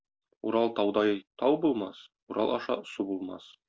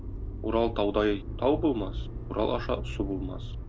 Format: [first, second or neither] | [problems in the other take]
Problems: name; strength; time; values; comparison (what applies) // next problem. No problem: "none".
first | background sound (Motor vehicle (road)); 6 dB below the speech